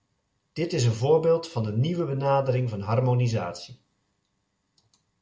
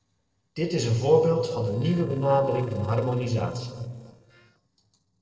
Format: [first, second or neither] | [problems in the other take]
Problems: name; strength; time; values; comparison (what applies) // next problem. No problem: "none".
first | noise reduction (neural separator model SepFormer DNS4)